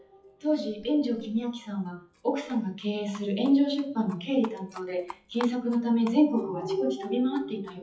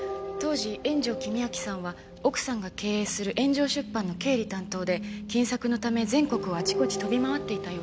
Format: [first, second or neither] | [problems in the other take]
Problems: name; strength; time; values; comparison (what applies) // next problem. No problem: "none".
second | noise reduction (classical method WPE with log-MMSE)